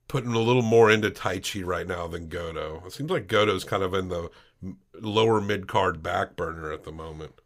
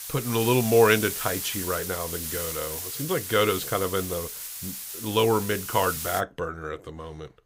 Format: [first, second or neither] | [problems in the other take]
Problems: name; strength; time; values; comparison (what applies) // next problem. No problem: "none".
first | hiss; loud; until 6 s; 6 dB below the speech